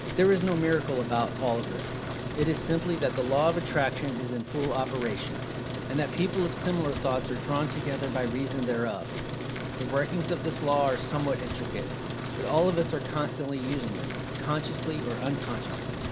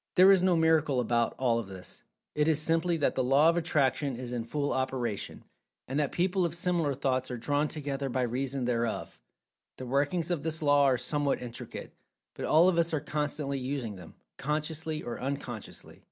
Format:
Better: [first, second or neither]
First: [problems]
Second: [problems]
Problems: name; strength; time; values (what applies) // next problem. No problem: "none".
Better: second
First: background sound (Truck); 4 dB below the speech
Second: none